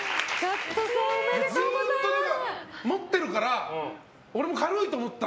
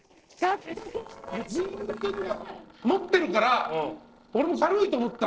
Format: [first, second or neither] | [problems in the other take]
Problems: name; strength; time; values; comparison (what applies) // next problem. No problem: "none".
first | noise reduction (neural separator model SepFormer DNS4)